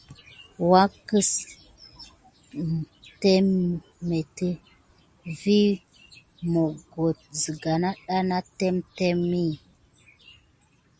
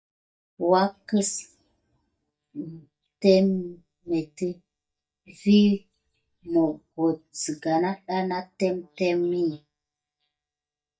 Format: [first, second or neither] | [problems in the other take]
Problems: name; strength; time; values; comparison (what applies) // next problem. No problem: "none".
first | noise reduction (neural mask model DeepFilterNet 3)